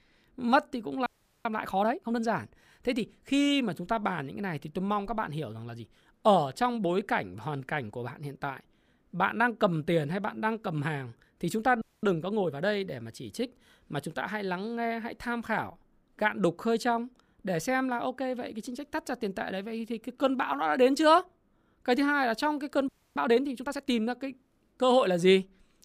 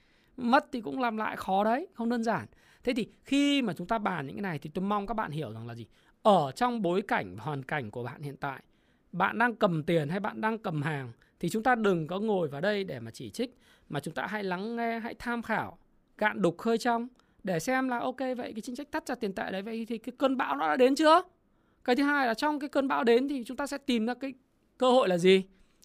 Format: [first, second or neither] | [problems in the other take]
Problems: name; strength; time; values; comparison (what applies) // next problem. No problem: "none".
second | audio freezing; at 1 s, at 12 s and at 23 s